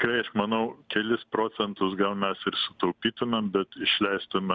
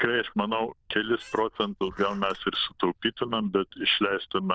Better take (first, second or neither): first